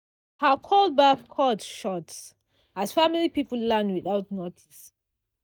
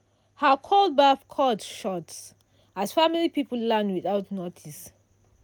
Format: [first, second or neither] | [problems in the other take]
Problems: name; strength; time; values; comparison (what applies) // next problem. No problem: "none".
second | noise reduction (neural mask model DeepFilterNet 3)